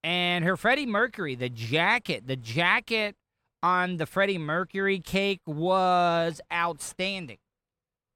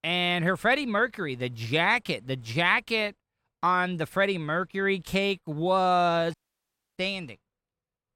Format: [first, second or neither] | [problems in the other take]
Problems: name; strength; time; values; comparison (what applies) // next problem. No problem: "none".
first | audio cutting out; at 6.5 s for 0.5 s